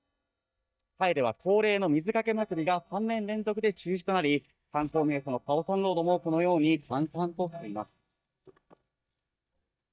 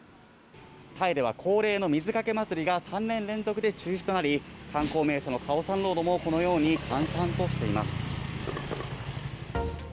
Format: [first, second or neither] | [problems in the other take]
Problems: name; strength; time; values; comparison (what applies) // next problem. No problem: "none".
second | noise reduction (neural mask model DeepFilterNet 3)